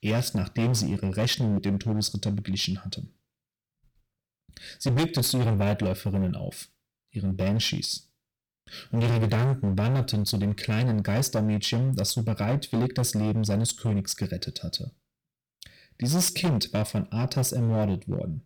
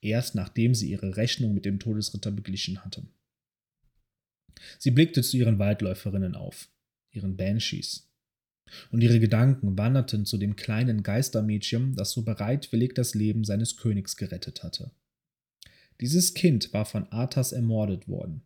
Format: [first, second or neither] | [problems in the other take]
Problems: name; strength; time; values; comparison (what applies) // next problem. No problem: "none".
second | distortion; heavy; 15% of the sound clipped